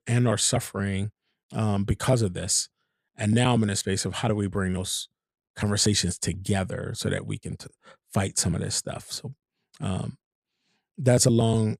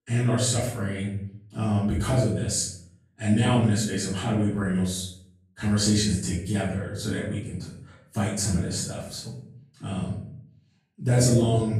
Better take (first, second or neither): first